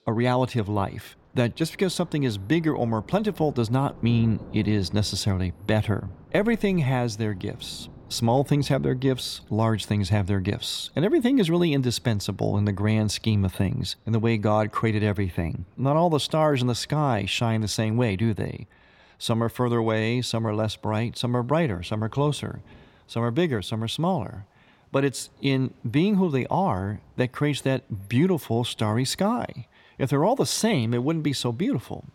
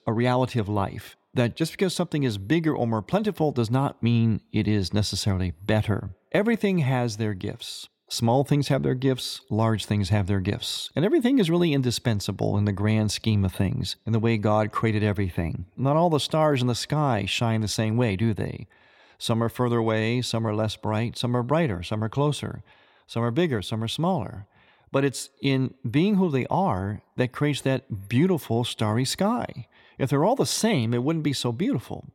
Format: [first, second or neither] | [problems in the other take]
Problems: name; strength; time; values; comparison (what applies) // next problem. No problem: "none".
second | rain or running water; faint; throughout; 25 dB below the speech